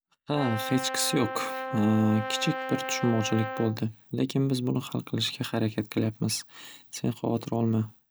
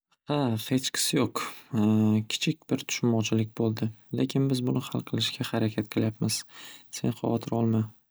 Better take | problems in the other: second | background sound (Brass instrument); 6 dB below the speech

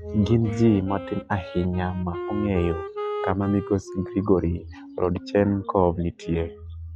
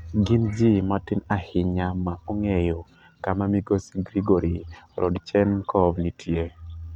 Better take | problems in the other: second | noise reduction (classical method log-MMSE)

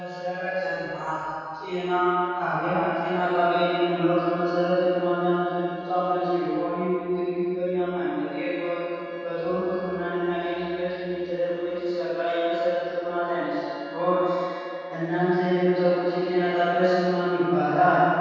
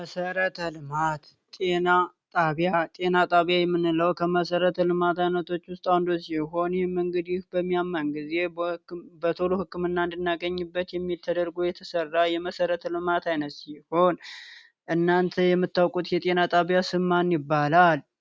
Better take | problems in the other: second | background sound (Wind instrument, woodwind instrument); 18 dB below the speech // room echo; dies away in 2.2 s

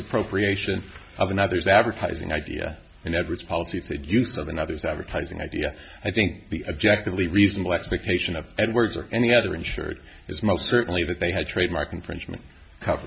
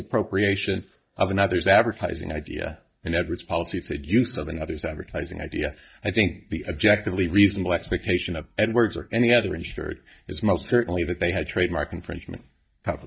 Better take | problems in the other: first | noise reduction (neural mask model DeepFilterNet 3)

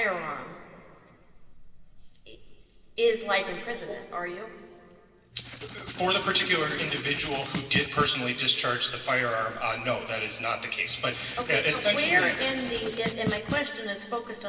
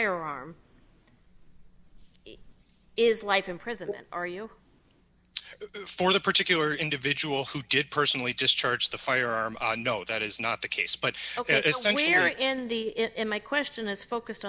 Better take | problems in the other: second | background sound (Writing); 8 dB below the speech // room echo; dies away in 2.5 s

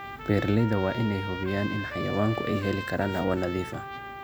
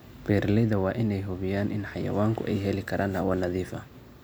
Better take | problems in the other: second | background sound (Trumpet); 9 dB below the speech

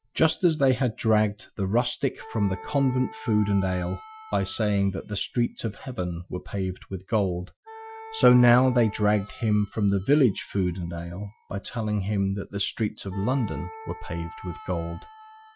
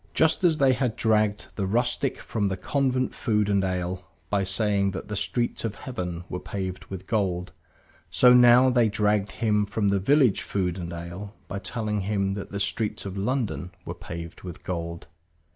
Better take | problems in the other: second | noise reduction (classical method Wiener filter)

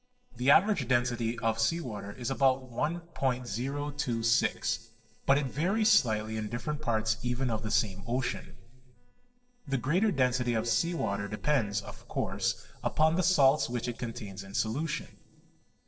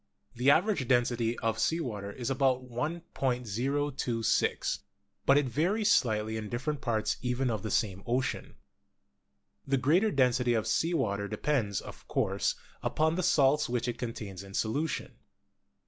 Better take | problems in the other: second | noise reduction (neural separator model SepFormer DNS4)

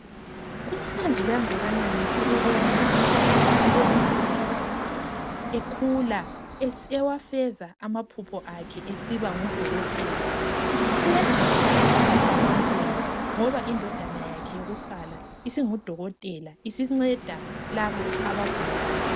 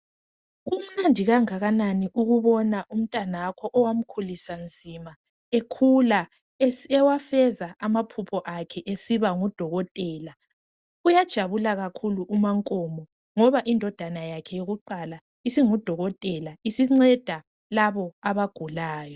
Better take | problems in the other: second | background sound (Car passing by / Traffic noise, roadway noise); 4 dB above the speech

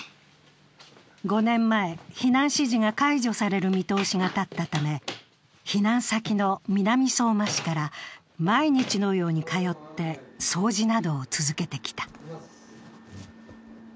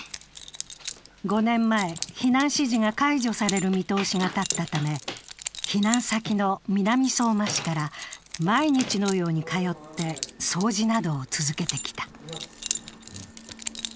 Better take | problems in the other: first | background sound (Keys jangling); 12 dB below the speech

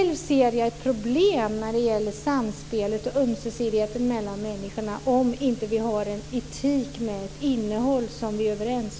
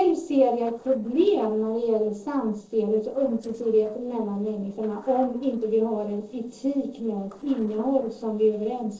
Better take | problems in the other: first | noise reduction (neural separator model SepFormer DNS4)

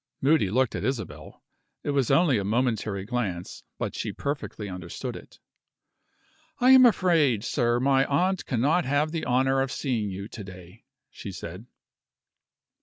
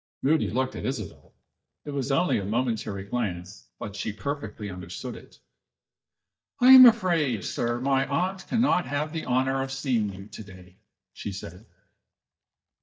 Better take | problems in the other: first | noise reduction (neural mask model DeepFilterNet 3)

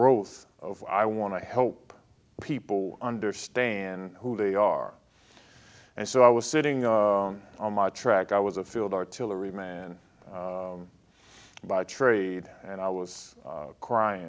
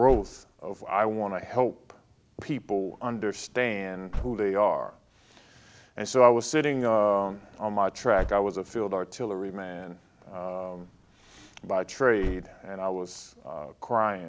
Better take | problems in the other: first | background sound (Slam / Car); 14 dB below the speech

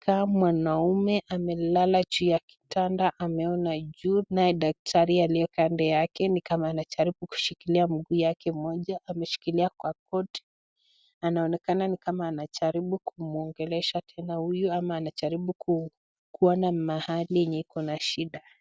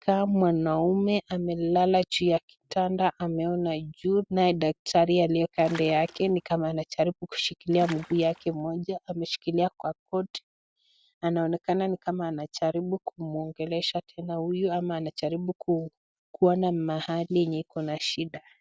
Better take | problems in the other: first | background sound (Water / Splash, splatter); 17 dB below the speech

